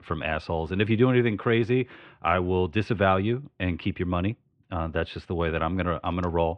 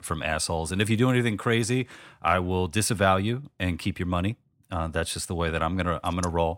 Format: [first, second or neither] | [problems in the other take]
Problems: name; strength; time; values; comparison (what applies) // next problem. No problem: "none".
second | muffled; very; fading above 3 kHz